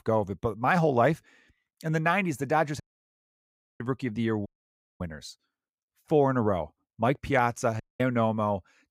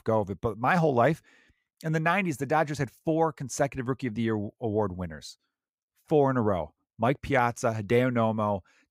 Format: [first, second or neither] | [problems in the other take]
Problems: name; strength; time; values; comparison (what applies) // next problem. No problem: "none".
second | audio cutting out; at 3 s for 1 s, at 4.5 s for 0.5 s and at 8 s